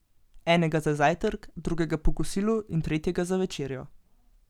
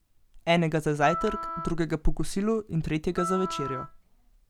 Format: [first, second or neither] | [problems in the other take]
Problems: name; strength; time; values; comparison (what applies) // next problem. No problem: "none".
first | background sound (Wind instrument, woodwind instrument); 10 dB below the speech